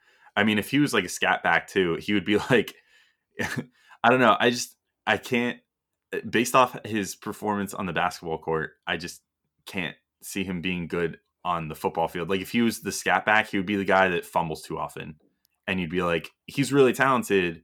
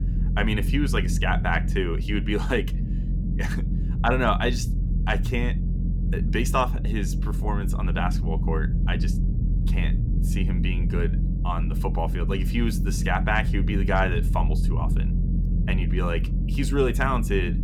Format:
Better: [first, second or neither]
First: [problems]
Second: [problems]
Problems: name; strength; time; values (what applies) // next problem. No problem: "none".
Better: first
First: none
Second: low rumble; noticeable; throughout; 10 dB below the speech